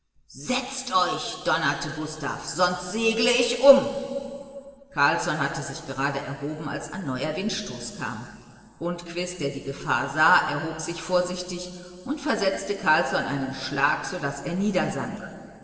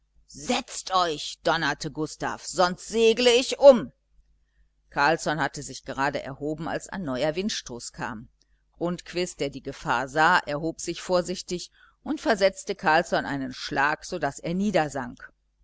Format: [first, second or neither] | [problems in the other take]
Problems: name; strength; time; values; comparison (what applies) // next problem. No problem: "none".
second | room echo; dies away in 2.6 s